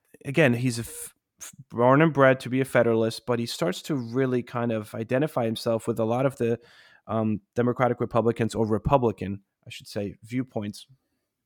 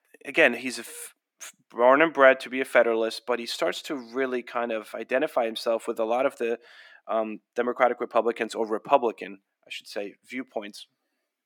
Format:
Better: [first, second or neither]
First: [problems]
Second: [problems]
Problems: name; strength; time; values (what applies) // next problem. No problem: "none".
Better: first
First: none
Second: thin; somewhat; fading below 250 Hz